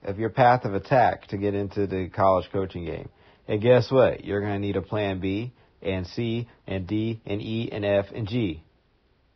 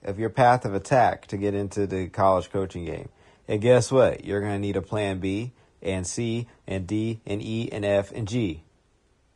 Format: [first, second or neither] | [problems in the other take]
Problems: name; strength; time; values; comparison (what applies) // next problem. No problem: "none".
second | garbled, watery; badly; nothing above 5.5 kHz; slightly in the second